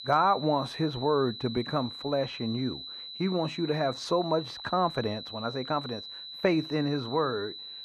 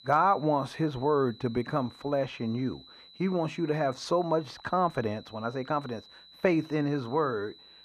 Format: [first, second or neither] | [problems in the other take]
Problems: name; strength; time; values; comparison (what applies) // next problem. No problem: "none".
second | high-pitched whine; loud; throughout; 4 kHz, 10 dB below the speech; faint in the second